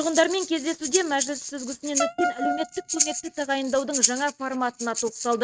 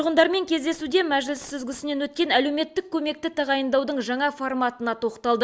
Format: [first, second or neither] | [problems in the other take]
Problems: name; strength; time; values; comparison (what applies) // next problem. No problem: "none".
second | noise reduction (neural mask model RNNoise)